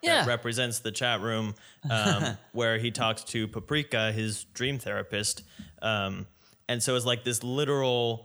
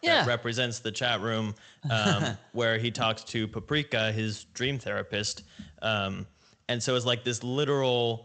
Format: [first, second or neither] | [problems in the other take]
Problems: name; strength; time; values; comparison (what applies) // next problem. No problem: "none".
first | garbled, watery; slightly; nothing above 8 kHz